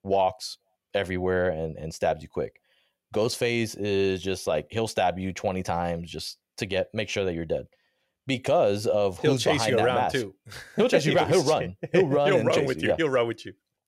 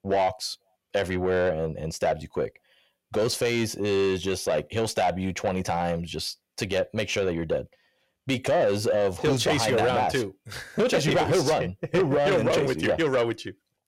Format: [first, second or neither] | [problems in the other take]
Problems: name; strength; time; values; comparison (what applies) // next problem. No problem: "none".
first | distortion; slight; 10 dB below the speech